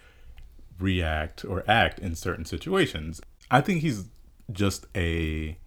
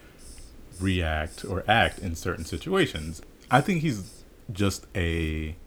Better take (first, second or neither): first